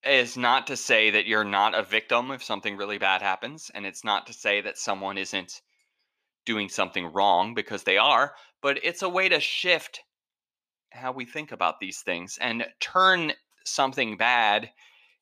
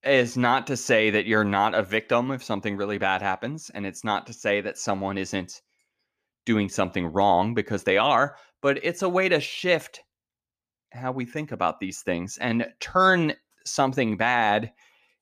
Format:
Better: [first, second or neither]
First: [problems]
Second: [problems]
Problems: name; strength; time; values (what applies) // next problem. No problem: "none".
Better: second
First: thin; somewhat; fading below 500 Hz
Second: none